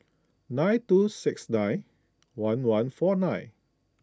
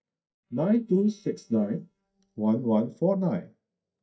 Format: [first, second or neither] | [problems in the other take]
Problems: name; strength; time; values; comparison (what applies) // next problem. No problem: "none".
first | noise reduction (neural mask model DeepFilterNet 3)